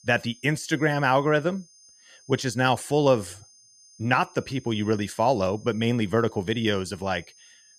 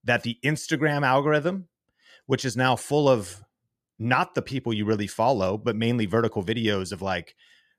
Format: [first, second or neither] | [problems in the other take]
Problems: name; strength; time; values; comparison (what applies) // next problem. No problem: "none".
second | high-pitched whine; faint; throughout; 6.5 kHz, 25 dB below the speech